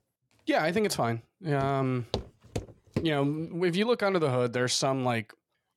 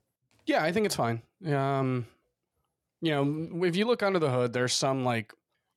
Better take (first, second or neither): second